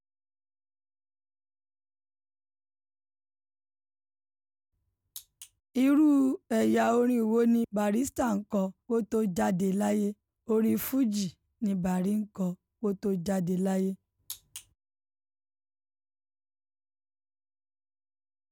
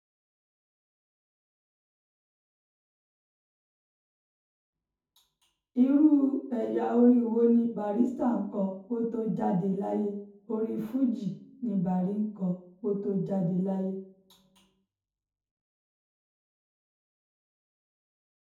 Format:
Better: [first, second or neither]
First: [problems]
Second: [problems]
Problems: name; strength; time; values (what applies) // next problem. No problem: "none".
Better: first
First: none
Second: room echo; dies away in 0.6 s